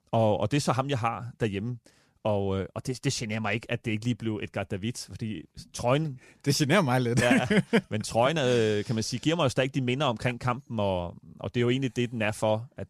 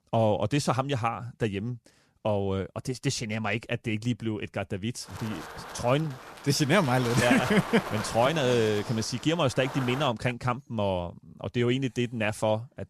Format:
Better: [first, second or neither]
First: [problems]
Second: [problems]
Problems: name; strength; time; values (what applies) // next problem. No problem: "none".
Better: first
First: none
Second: wind noise on the microphone; heavy; from 5 to 10 s; 8 dB below the speech